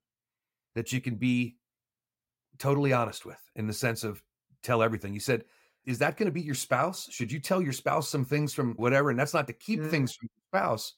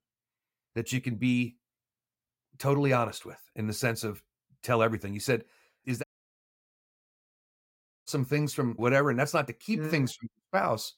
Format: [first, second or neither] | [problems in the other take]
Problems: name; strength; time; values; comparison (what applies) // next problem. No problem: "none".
first | audio cutting out; at 6 s for 2 s